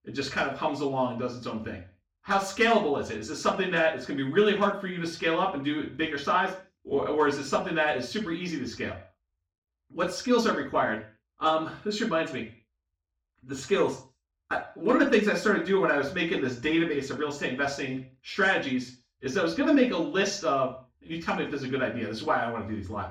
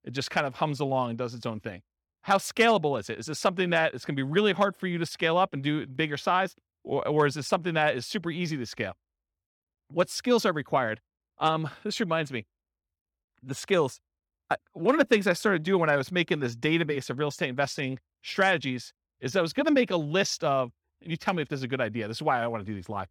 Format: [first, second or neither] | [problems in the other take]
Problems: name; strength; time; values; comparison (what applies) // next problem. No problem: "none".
second | room echo; slight; dies away in 0.3 s // off-mic speech; far